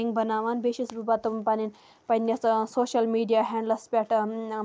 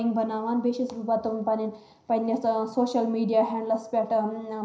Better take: first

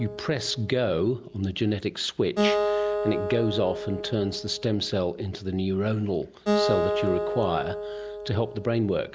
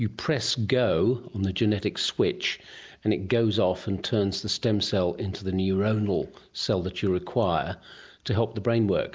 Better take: second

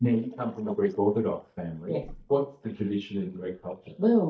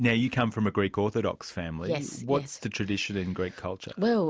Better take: second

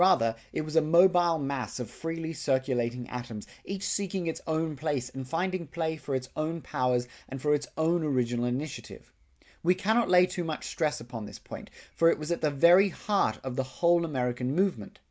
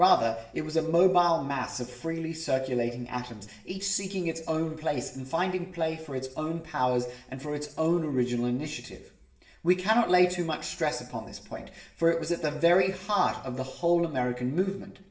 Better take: first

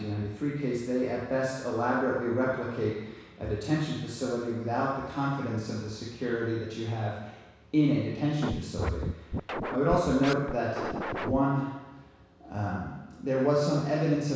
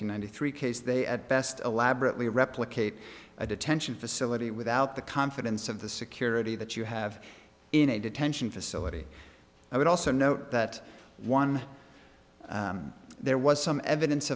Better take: second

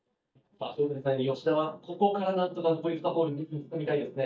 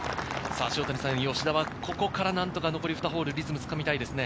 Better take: second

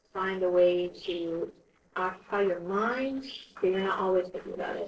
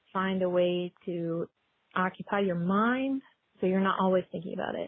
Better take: second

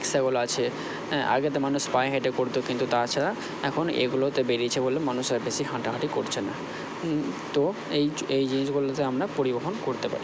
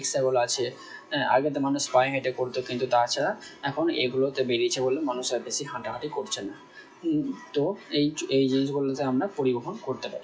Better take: first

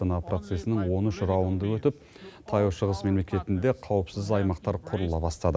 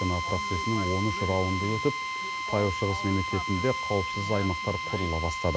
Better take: first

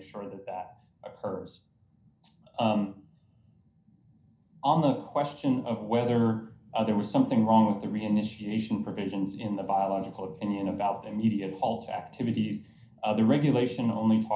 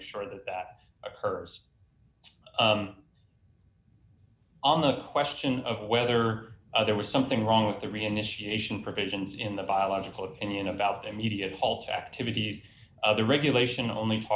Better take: second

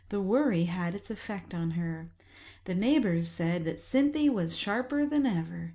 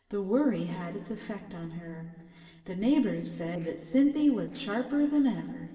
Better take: first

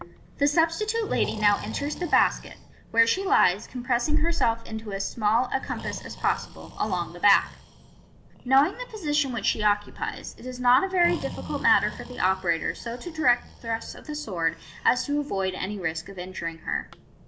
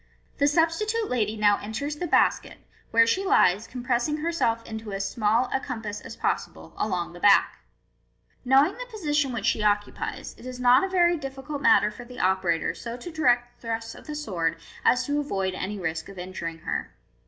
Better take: second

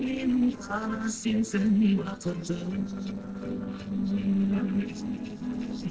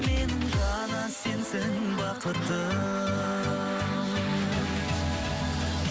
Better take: second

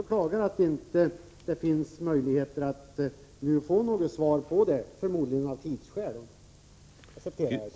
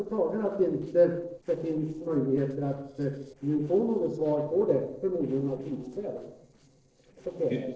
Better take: first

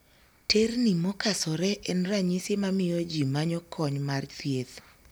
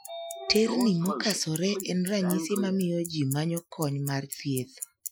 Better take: first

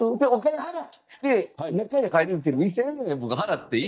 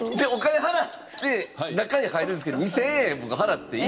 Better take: second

